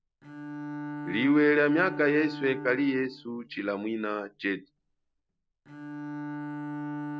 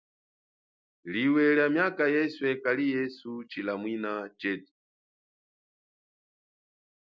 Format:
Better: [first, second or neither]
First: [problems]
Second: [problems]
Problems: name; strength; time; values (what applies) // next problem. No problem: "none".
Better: second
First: background sound (Bowed string instrument); 9 dB below the speech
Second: none